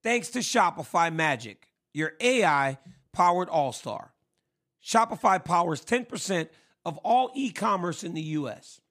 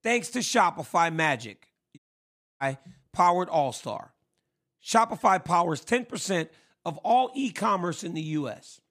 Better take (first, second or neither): first